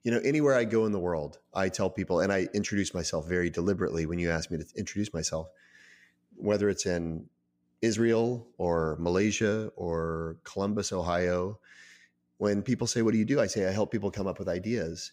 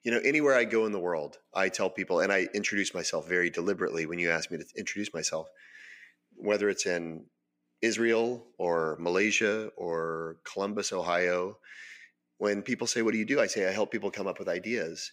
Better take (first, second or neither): first